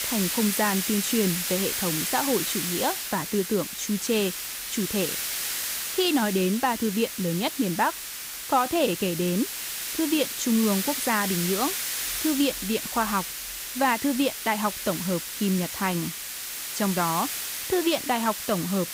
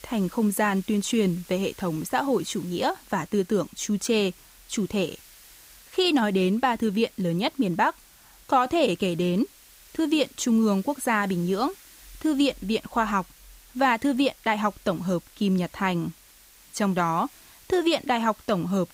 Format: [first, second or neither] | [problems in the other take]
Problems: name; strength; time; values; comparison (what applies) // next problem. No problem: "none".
second | hiss; loud; throughout; 3 dB below the speech; faint in the second